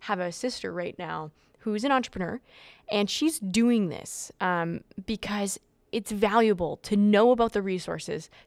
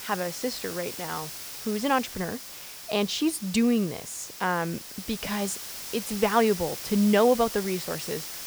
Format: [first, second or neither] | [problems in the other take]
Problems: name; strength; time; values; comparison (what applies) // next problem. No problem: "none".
first | hiss; loud; throughout; 9 dB below the speech